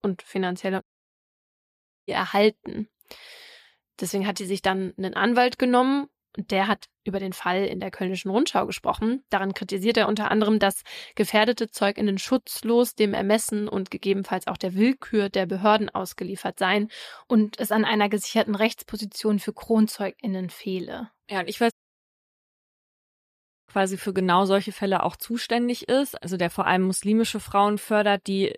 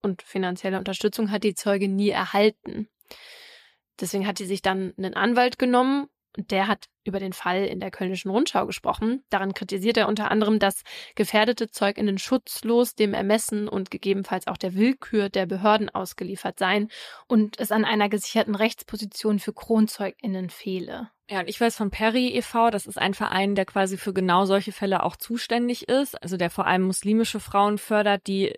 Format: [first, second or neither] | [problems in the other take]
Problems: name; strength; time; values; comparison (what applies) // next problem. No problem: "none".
second | audio cutting out; at 1 s for 1.5 s and at 22 s for 2 s